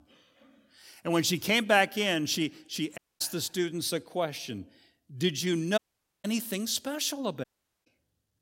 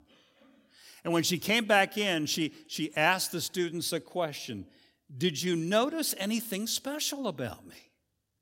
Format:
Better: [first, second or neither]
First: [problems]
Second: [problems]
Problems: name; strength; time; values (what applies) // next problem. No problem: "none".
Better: second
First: audio cutting out; at 3 s, at 6 s and at 7.5 s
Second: none